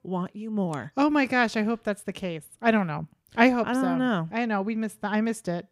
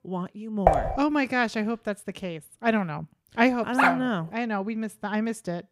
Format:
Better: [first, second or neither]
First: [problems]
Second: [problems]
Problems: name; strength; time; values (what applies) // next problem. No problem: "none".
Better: first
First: none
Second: clattering dishes; loud; at 0.5 s; peak 5 dB above the speech // dog barking; loud; at 4 s; peak 4 dB above the speech